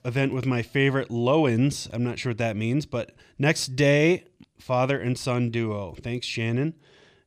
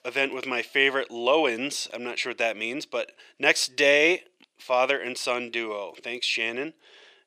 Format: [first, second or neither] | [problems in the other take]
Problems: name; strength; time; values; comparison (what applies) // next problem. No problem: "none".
first | thin; very; fading below 400 Hz